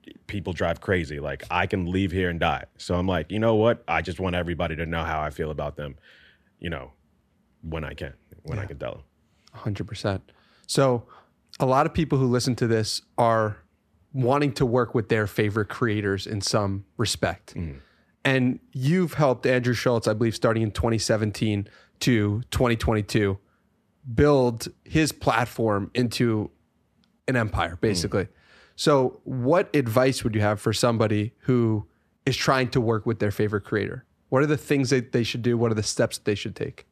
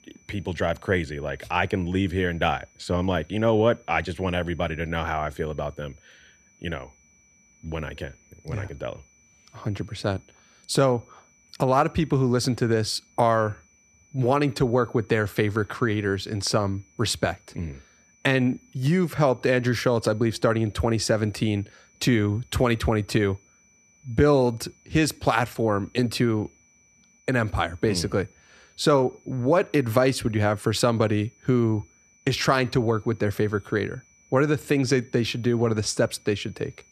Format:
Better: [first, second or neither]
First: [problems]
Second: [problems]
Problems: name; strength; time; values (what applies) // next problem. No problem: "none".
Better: first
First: none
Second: high-pitched whine; faint; throughout; 6 kHz, 35 dB below the speech